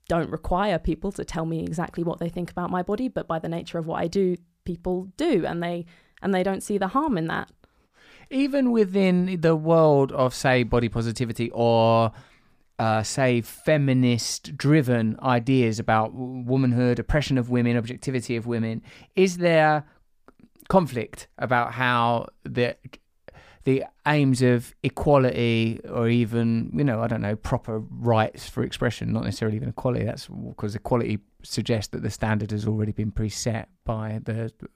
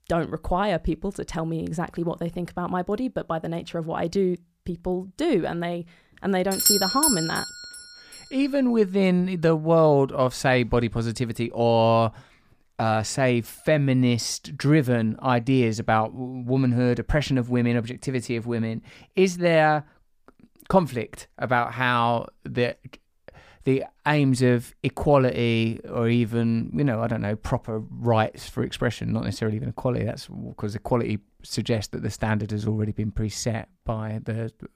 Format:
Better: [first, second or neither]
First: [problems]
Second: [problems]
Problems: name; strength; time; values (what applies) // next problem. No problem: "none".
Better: first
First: none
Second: doorbell; loud; at 6.5 s; peak 6 dB above the speech